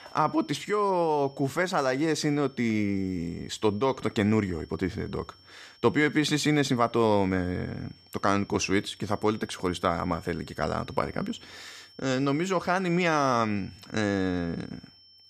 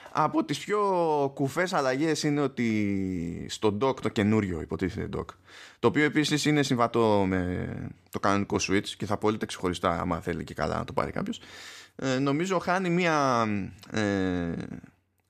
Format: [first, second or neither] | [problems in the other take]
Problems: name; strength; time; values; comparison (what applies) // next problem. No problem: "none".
second | high-pitched whine; faint; throughout; 5.5 kHz, 25 dB below the speech